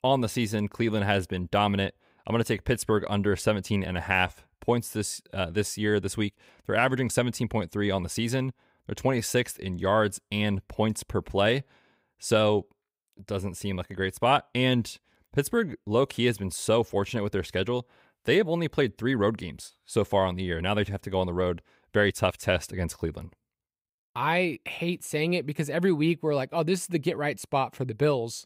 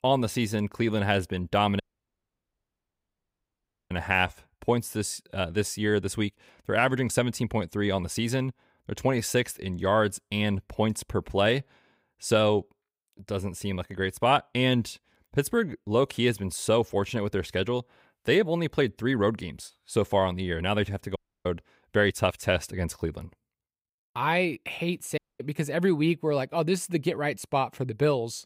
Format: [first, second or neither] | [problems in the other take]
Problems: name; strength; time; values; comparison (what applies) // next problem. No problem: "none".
first | audio cutting out; at 2 s for 2 s, at 21 s and at 25 s